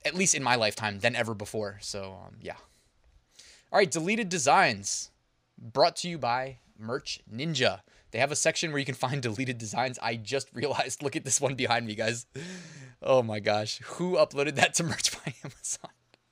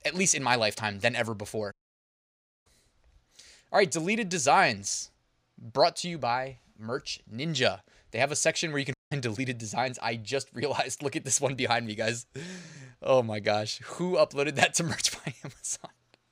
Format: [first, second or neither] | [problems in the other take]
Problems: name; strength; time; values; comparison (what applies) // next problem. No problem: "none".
first | audio cutting out; at 1.5 s for 1 s and at 9 s